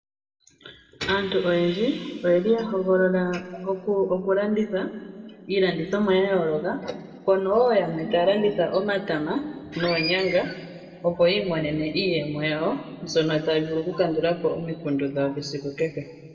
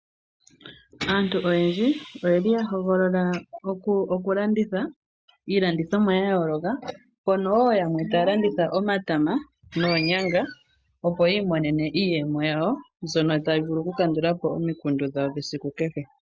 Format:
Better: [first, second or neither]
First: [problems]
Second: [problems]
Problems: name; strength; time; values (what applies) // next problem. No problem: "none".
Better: second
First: room echo; dies away in 1.8 s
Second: none